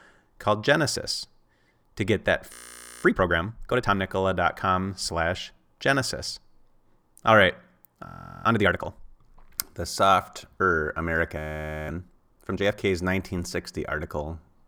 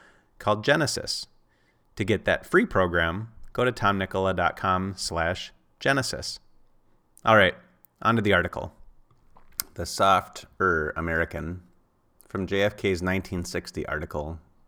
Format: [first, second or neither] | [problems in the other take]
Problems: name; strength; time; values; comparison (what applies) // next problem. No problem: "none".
second | audio freezing; at 2.5 s for 0.5 s, at 8 s and at 11 s for 0.5 s